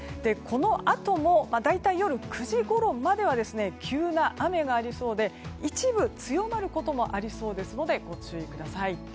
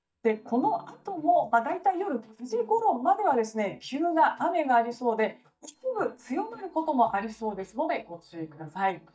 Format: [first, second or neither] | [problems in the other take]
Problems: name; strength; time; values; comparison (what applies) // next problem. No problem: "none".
first | noise reduction (neural mask model DeepFilterNet 3)